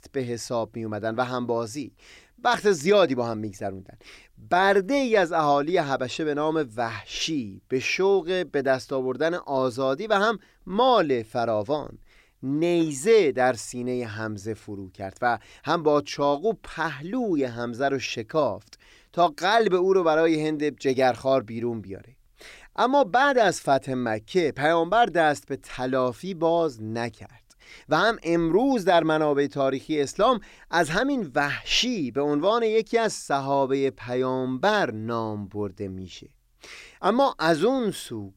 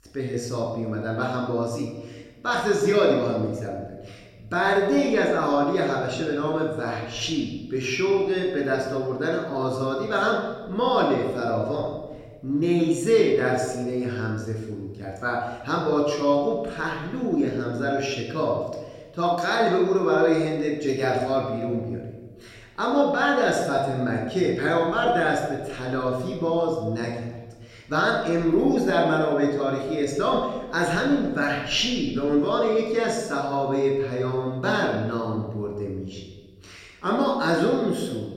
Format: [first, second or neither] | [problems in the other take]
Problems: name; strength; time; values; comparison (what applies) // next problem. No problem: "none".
first | off-mic speech; somewhat distant // room echo; noticeable; dies away in 1.2 s